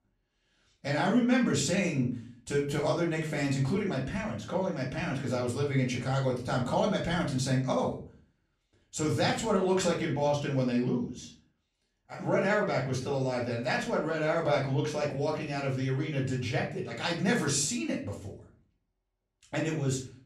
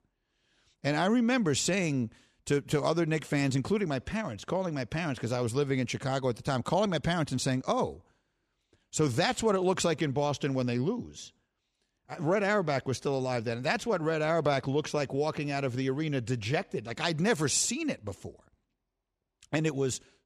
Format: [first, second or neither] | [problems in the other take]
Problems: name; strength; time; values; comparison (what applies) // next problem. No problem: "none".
second | room echo; slight; dies away in 0.4 s // off-mic speech; far